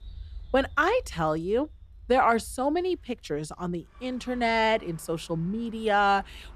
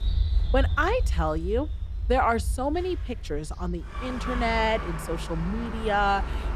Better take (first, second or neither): first